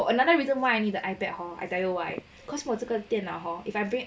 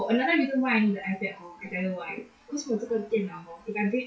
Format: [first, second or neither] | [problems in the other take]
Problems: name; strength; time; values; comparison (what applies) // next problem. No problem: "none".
first | noise reduction (classical method WPE with log-MMSE)